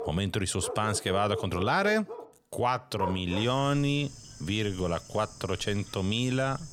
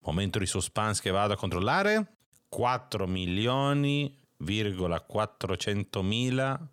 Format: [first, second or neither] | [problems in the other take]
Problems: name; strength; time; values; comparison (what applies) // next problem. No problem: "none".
second | animal sounds; noticeable; throughout; 10 dB below the speech